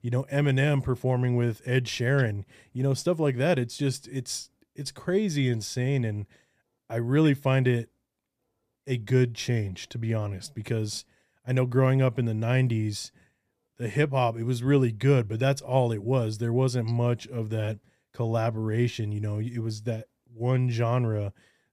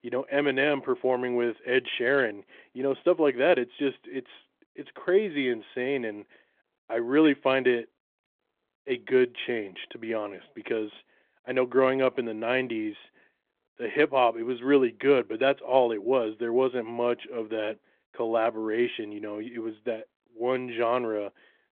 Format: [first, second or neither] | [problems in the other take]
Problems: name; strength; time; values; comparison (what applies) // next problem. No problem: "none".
first | phone-call audio; nothing above 3.5 kHz